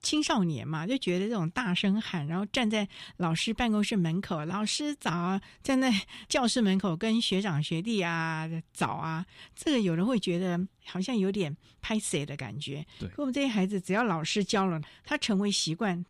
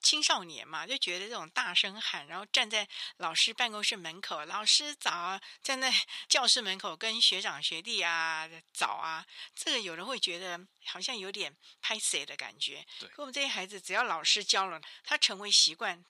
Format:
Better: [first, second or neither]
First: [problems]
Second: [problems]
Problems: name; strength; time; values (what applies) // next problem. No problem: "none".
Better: first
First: none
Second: thin; very; fading below 800 Hz